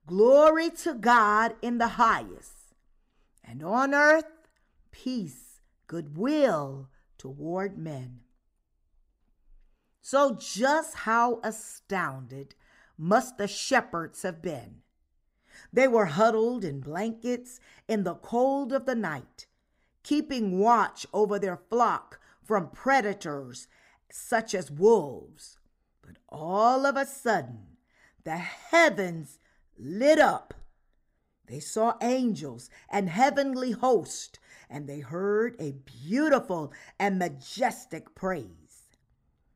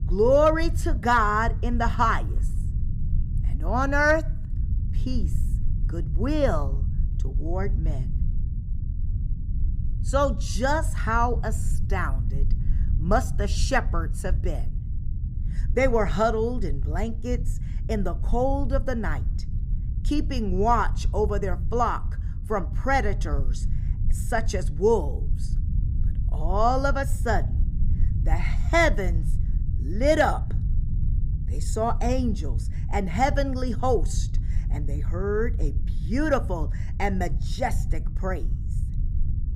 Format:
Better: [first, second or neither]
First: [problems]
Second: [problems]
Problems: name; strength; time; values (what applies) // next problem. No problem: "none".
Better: first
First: none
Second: low rumble; faint; throughout; 20 dB below the speech